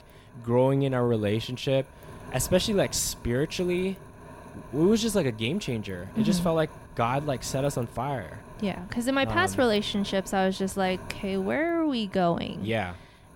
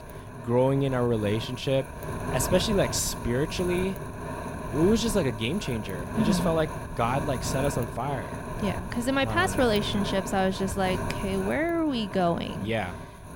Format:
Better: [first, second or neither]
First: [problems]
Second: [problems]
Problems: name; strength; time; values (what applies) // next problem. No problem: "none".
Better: first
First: wind noise on the microphone; occasional gusts; 20 dB below the speech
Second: wind noise on the microphone; heavy; 8 dB below the speech